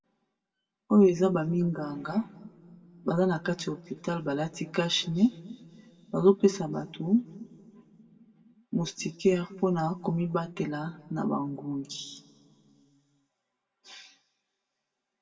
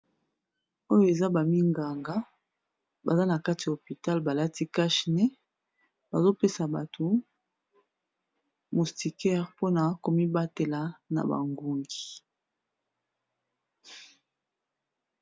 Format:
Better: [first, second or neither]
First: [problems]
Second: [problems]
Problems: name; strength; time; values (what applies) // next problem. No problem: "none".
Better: second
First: room echo; dies away in 1.5 s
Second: none